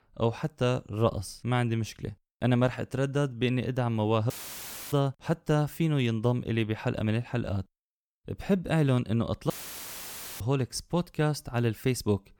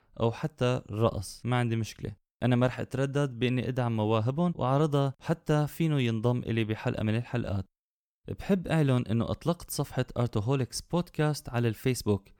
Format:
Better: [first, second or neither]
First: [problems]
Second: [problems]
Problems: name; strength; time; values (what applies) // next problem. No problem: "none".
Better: second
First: audio cutting out; filled with static; at 4.5 s for 0.5 s and at 9.5 s for 1 s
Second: none